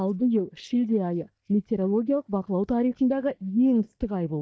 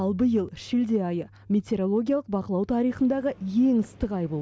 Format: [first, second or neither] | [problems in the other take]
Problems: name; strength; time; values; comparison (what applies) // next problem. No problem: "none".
second | noise reduction (neural mask model DeepFilterNet 3)